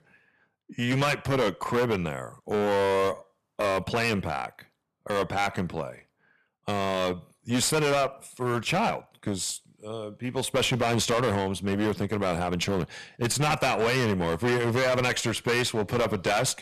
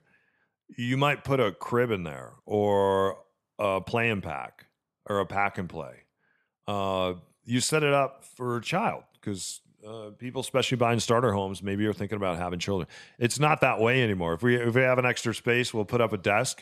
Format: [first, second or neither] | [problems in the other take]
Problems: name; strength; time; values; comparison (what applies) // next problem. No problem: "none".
second | distortion; heavy; 16% of the sound clipped